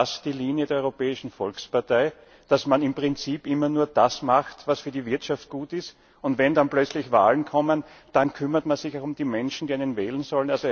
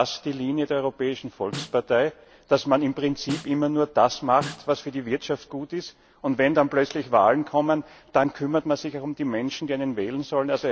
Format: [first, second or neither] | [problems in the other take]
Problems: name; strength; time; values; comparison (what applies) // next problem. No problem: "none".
first | background sound (Snare drum); 16 dB below the speech